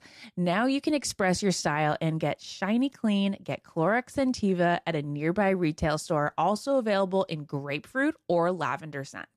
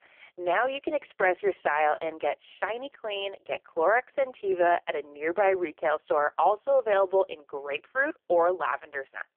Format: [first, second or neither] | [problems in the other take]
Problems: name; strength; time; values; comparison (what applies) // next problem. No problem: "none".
first | phone-call audio; poor line; nothing above 3 kHz